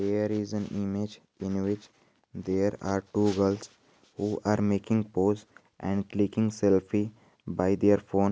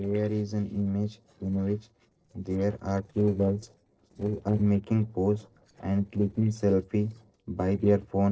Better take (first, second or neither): first